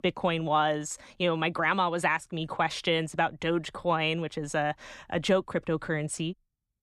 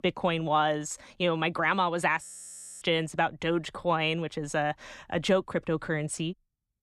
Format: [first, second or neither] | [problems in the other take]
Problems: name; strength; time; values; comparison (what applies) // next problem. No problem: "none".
first | audio freezing; at 2 s for 0.5 s